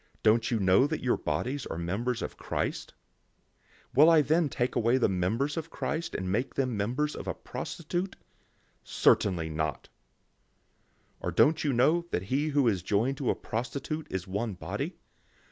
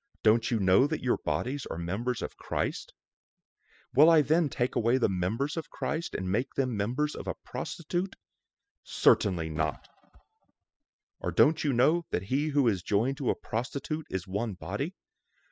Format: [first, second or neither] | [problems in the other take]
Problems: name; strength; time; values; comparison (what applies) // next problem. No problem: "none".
first | noise reduction (classical method spectral subtraction)